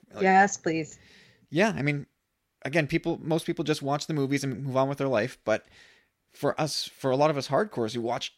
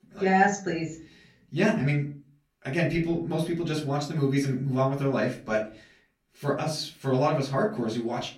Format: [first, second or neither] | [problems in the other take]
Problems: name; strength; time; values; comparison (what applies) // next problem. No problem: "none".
first | room echo; slight; dies away in 0.3 s // off-mic speech; far